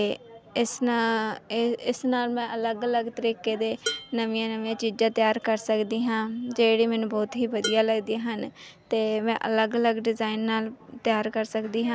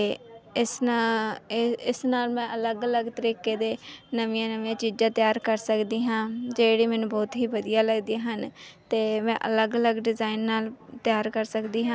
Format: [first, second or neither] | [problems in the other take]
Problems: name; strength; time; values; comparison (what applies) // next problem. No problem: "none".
second | background sound (Dishes, pots, and pans); 11 dB below the speech